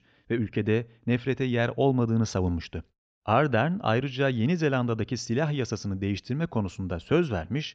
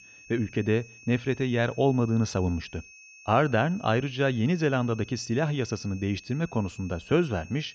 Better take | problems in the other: first | high-pitched whine; faint; throughout; 2.5 kHz, 20 dB below the speech

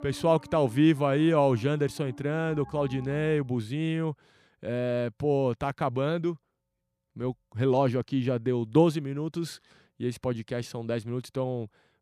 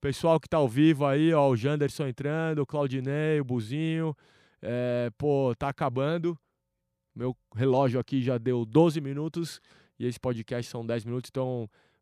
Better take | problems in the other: second | background music; faint; until 3.5 s; 20 dB below the speech

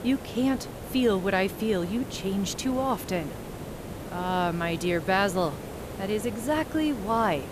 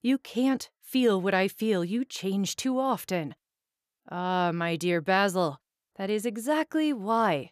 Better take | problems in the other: second | hiss; noticeable; throughout; 10 dB below the speech

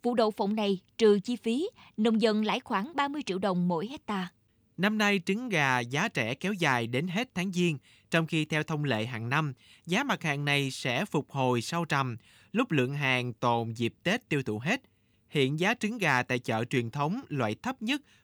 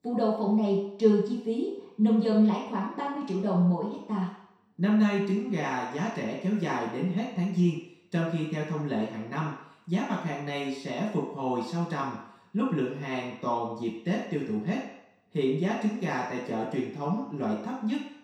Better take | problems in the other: first | room echo; noticeable; dies away in 0.7 s // off-mic speech; far

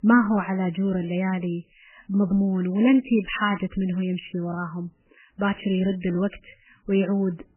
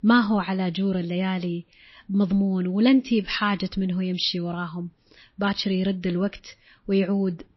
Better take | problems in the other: second | garbled, watery; badly; nothing above 3 kHz; slightly in the second

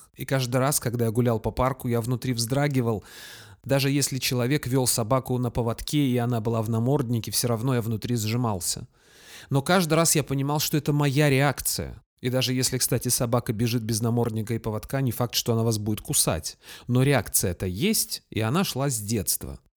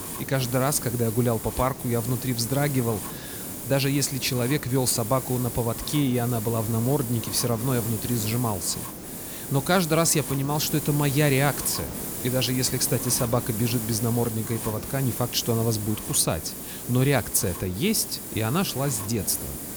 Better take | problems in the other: first | hiss; loud; throughout; 7 dB below the speech

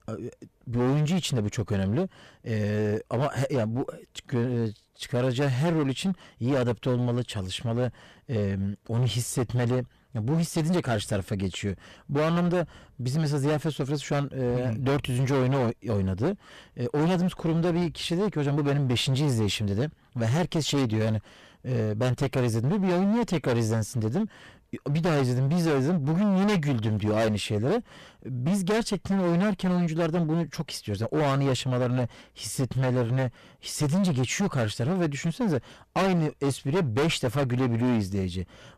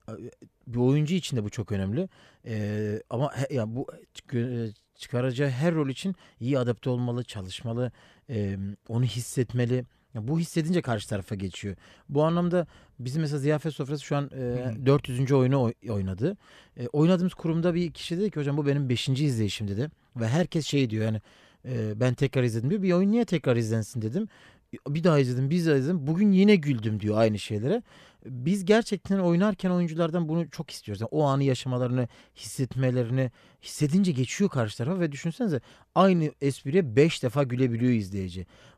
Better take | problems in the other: second | distortion; heavy; 19% of the sound clipped

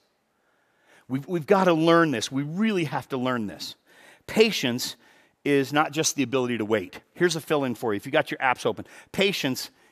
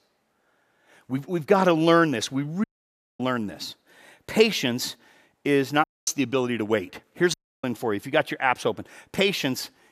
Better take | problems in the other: first | audio cutting out; at 2.5 s for 0.5 s, at 6 s and at 7.5 s

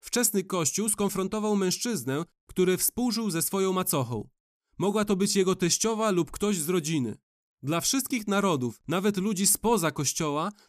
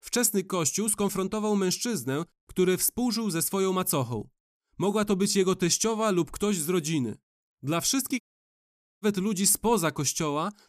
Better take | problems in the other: first | audio cutting out; at 8 s for 1 s

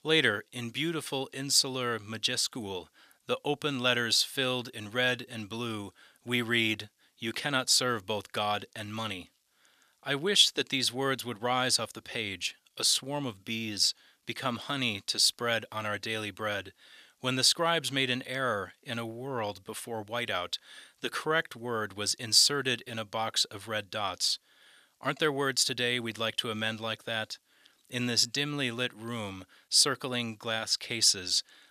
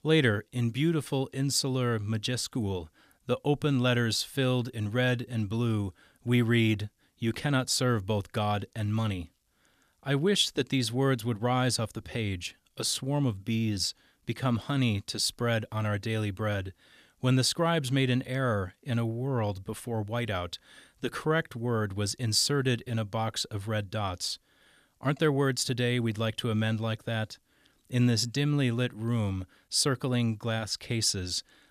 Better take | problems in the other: second | thin; somewhat; fading below 700 Hz

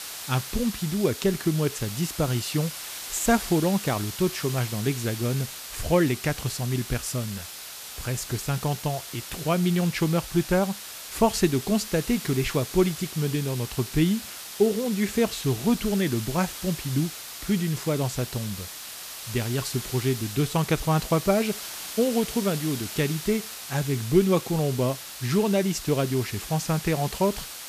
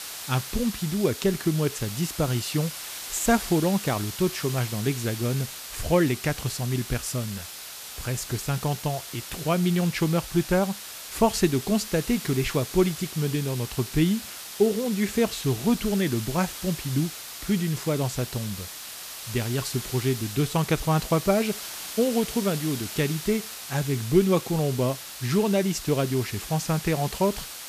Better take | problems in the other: neither | hiss; loud; throughout; 9 dB below the speech; the same in both

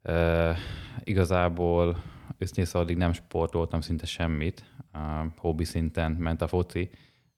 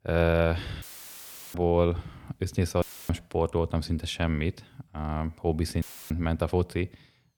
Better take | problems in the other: first | audio cutting out; filled with static; at 1 s for 0.5 s, at 3 s and at 6 s

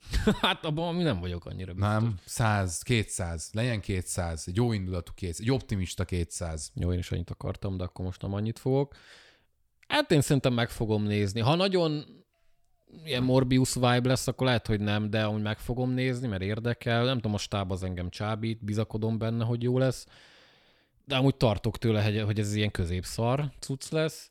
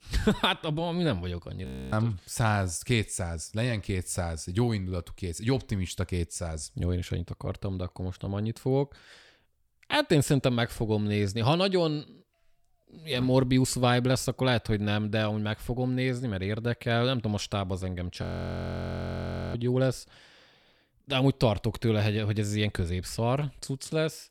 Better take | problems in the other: first | audio freezing; at 1.5 s and at 18 s for 1.5 s

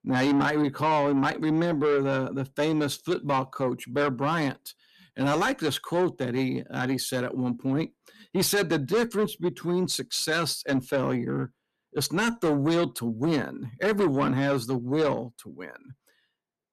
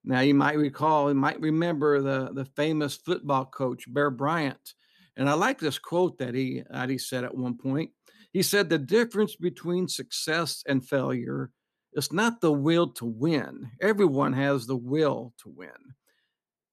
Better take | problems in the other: second | distortion; slight; 10 dB below the speech

